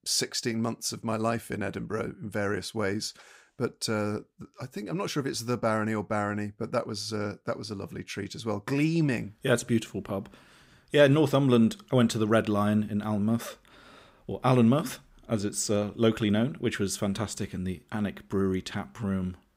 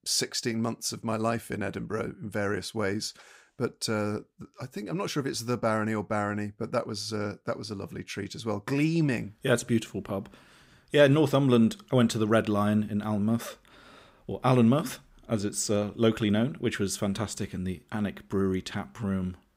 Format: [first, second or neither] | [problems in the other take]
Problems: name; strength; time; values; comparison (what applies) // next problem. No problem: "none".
neither | none